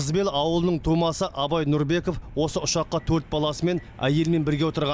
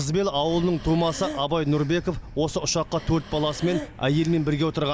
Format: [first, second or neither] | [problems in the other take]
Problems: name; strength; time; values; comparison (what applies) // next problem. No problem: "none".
first | background sound (Breathing); 17 dB below the speech